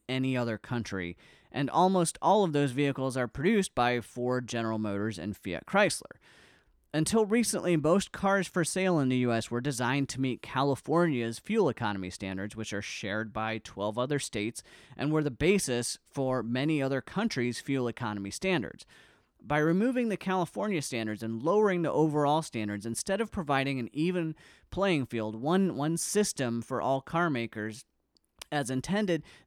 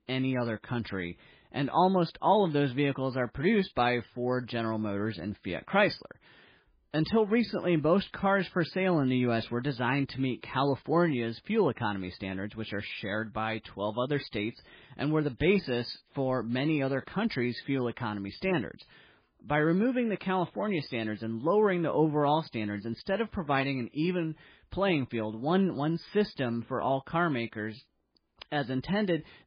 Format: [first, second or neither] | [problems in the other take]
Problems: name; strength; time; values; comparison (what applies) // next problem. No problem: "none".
first | garbled, watery; badly; nothing above 5 kHz